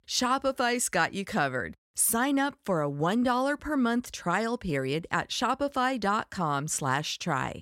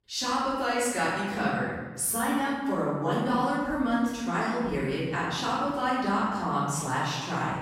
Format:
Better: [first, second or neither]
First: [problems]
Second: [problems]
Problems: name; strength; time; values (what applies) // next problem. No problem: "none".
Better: first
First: none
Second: room echo; strong; dies away in 1.2 s // off-mic speech; far